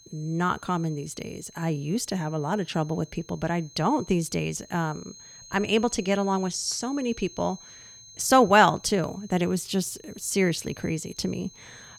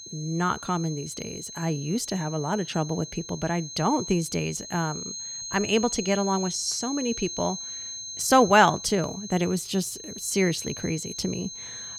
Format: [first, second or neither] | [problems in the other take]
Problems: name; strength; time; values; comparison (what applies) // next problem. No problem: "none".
first | high-pitched whine; loud; throughout; 6.5 kHz, 9 dB below the speech; faint in the first